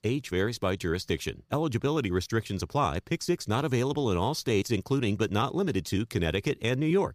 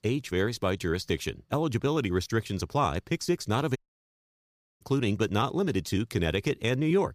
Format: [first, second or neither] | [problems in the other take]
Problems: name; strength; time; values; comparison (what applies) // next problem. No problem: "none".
first | audio cutting out; at 4 s for 1 s